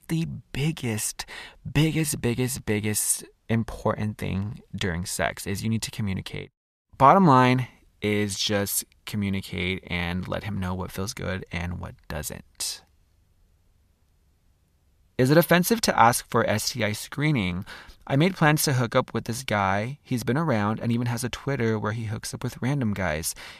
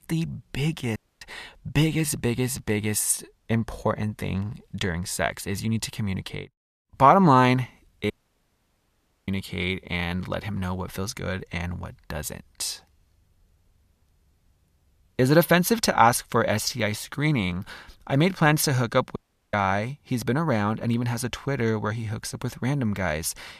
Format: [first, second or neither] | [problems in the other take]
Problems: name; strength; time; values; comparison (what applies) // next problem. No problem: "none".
first | audio cutting out; at 1 s, at 8 s for 1 s and at 19 s